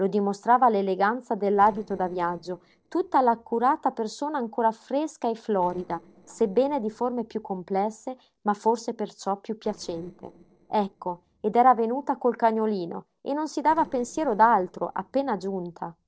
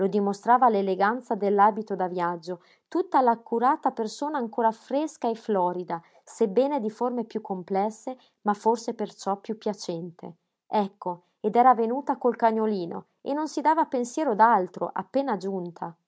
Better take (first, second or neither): second